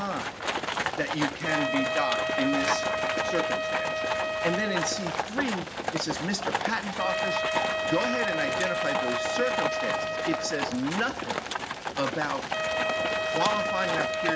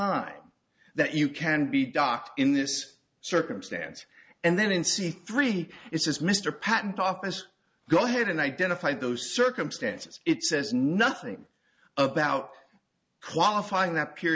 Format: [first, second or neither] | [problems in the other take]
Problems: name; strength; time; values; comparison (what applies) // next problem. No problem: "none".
second | background sound (Wind instrument, woodwind instrument + Livestock, farm animals, working animals); 3 dB above the speech